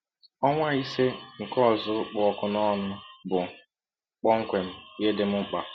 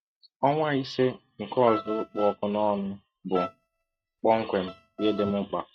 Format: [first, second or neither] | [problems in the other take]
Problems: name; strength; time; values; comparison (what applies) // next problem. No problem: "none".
first | noise reduction (neural mask model RNNoise)